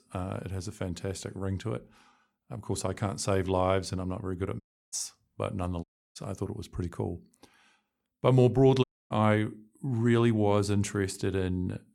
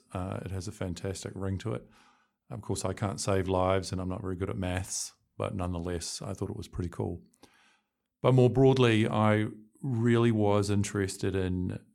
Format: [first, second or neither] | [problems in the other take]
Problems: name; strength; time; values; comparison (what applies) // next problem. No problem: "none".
second | audio cutting out; at 4.5 s, at 6 s and at 9 s